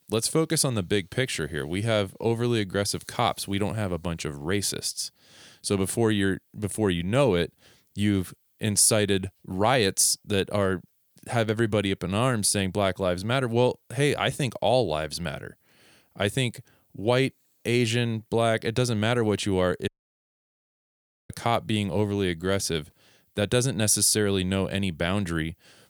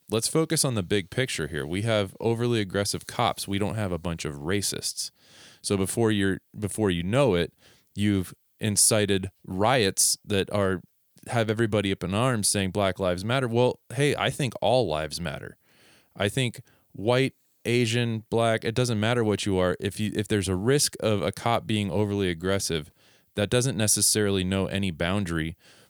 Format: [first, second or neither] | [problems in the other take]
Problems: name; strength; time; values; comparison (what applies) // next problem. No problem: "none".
second | audio cutting out; at 20 s for 1.5 s